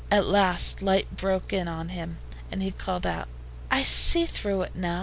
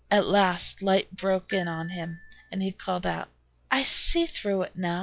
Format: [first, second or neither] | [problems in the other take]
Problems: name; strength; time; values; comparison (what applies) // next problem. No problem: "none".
first | noise reduction (classical method log-MMSE)